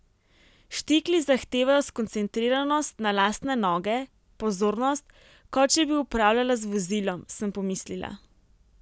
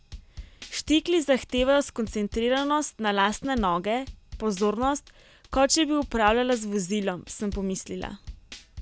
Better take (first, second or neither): first